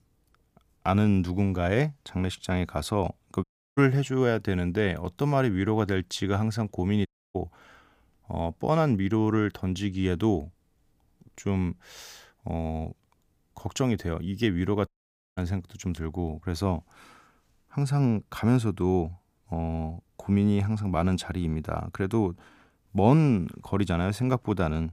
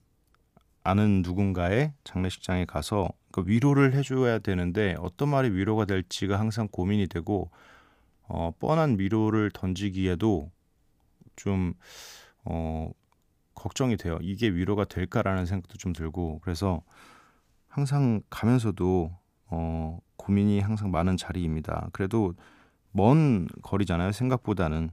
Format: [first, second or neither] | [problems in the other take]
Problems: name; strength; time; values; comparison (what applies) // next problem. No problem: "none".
second | audio cutting out; at 3.5 s, at 7 s and at 15 s